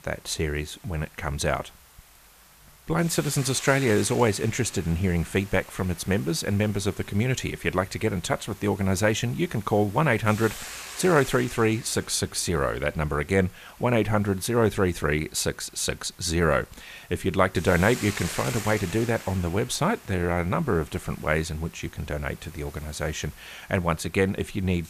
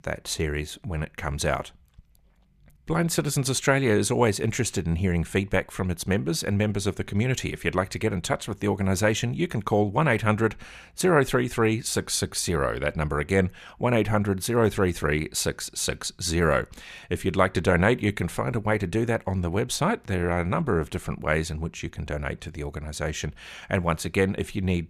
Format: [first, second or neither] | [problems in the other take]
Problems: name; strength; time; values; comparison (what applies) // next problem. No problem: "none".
second | hiss; noticeable; throughout; 15 dB below the speech